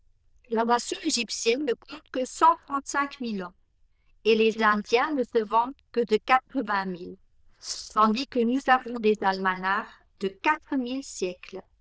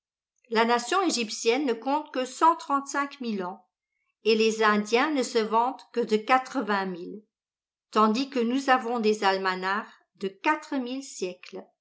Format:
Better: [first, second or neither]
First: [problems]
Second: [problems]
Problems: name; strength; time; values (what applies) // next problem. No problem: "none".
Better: second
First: noise reduction (neural diffusion model UNIVERSE++)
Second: none